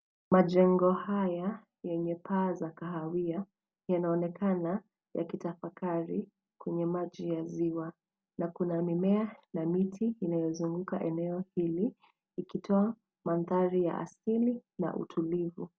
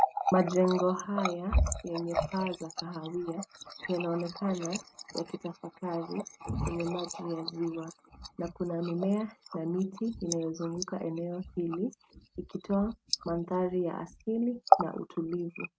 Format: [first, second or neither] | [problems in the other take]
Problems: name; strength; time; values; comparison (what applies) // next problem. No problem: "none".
first | noise reduction (neural mask model RNNoise)